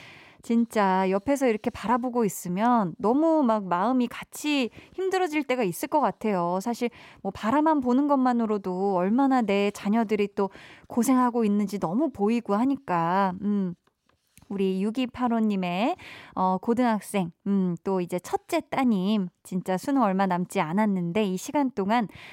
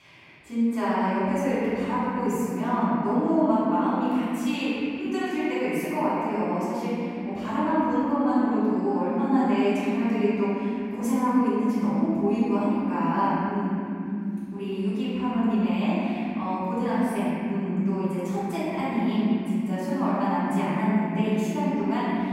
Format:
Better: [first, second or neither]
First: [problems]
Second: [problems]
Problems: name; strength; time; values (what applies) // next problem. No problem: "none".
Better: first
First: none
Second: off-mic speech; far // room echo; strong; dies away in 3 s